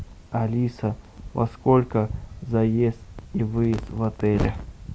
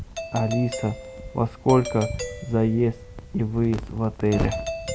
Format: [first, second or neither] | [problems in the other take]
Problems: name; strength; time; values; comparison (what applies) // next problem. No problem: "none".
first | background sound (Doorbell); 11 dB below the speech